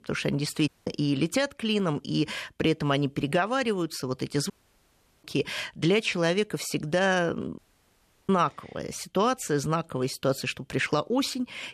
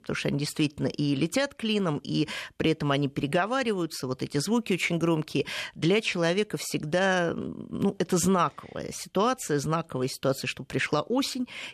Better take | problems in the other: second | audio cutting out; at 0.5 s, at 4.5 s for 0.5 s and at 7.5 s for 0.5 s

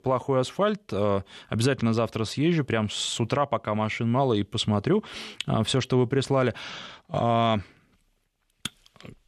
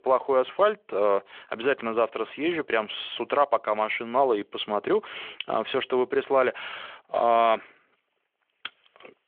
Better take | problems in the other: first | phone-call audio; nothing above 3.5 kHz

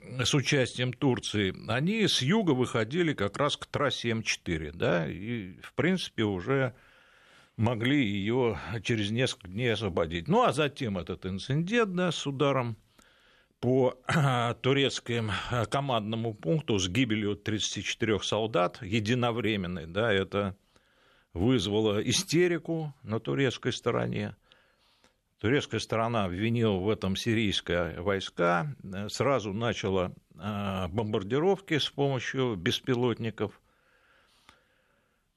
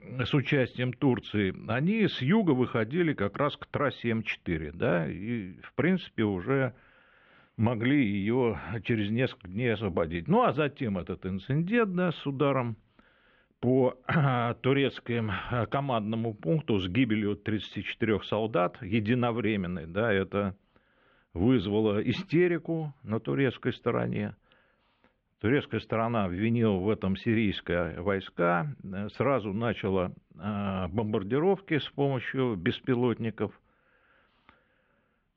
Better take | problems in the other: first | muffled; very; fading above 3 kHz

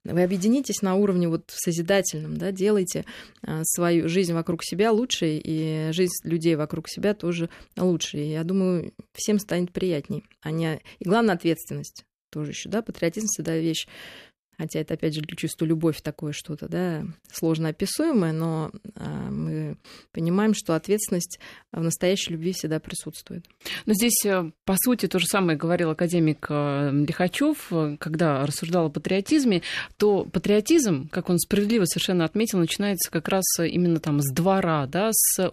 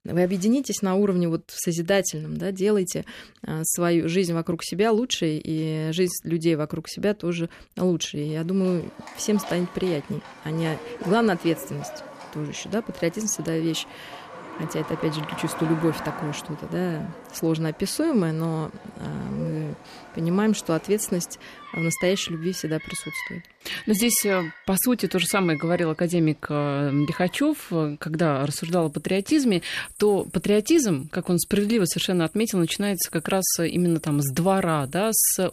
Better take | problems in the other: first | animal sounds; noticeable; from 9 s on; 15 dB below the speech

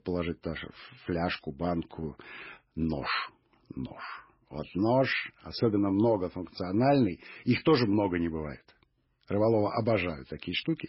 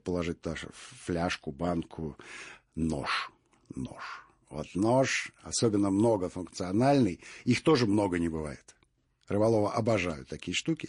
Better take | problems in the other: second | garbled, watery; badly; nothing above 5.5 kHz; slightly in the second

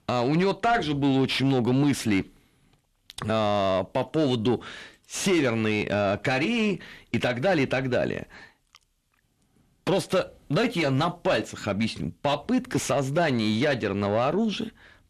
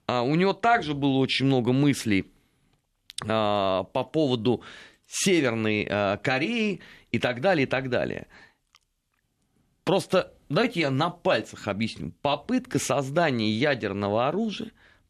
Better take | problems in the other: second | distortion; slight; 10 dB below the speech

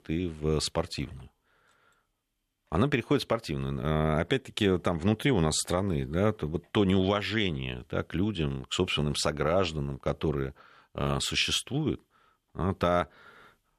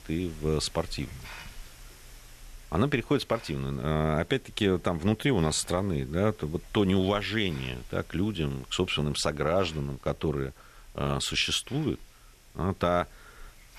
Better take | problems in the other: first | hiss; faint; throughout; 20 dB below the speech

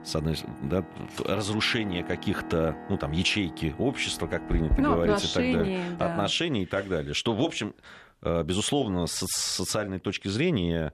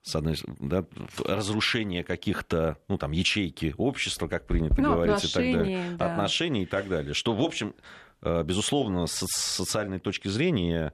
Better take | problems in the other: second | background music; noticeable; throughout; 15 dB below the speech

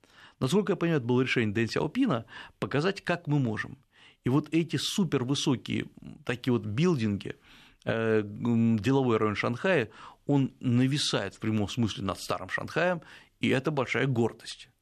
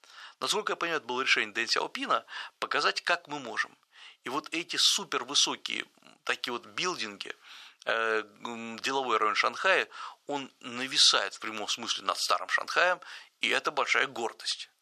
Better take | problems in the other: first | thin; very; fading below 750 Hz

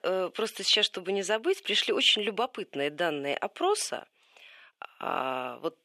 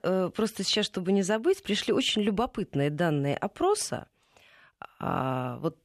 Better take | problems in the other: second | thin; somewhat; fading below 450 Hz

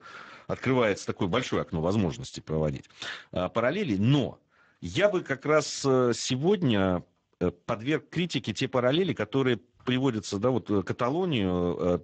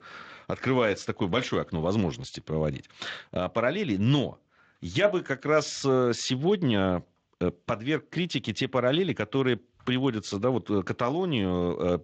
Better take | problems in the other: second | garbled, watery; badly; nothing above 7.5 kHz; slightly in the second

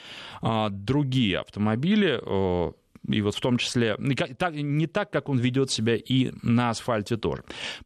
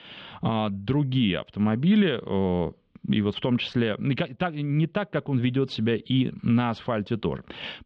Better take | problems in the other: first | muffled; slightly; fading above 3.5 kHz

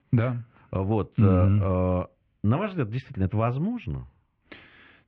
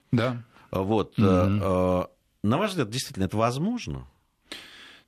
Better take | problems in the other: second | muffled; very; fading above 2.5 kHz

